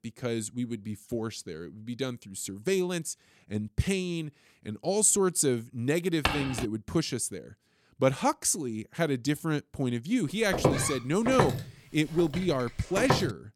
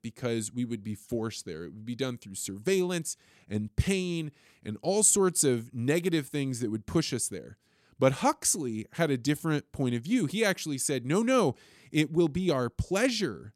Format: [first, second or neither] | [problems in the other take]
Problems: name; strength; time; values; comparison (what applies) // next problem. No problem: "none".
second | footsteps; noticeable; at 6.5 s; peak level with the speech // footsteps; loud; from 11 s on; peak 2 dB above the speech